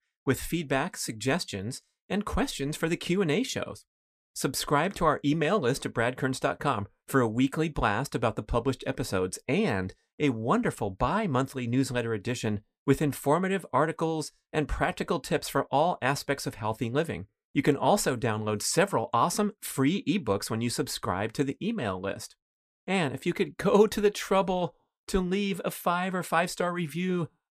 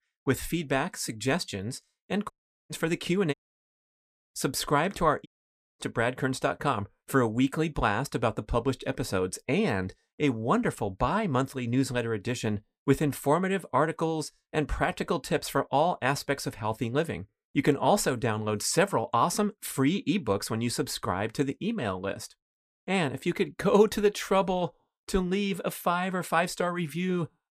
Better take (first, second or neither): first